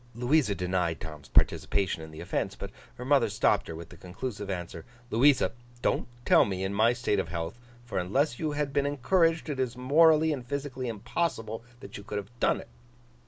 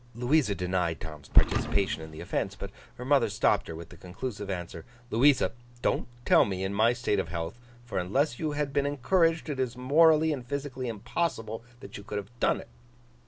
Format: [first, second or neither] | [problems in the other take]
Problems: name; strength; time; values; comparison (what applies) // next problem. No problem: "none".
first | background sound (Thump, thud); 12 dB below the speech